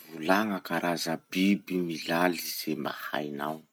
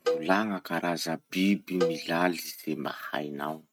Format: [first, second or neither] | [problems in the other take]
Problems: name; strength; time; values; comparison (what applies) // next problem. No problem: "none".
first | noise reduction (neural mask model RNNoise)